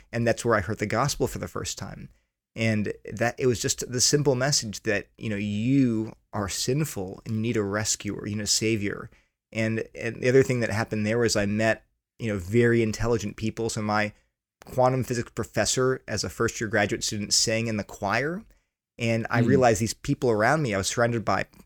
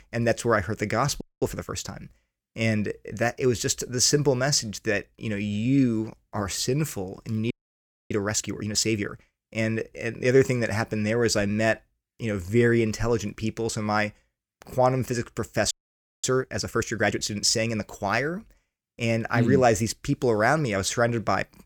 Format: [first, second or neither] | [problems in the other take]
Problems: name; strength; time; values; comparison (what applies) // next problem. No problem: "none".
first | audio freezing; at 1 s, at 7.5 s for 0.5 s and at 16 s for 0.5 s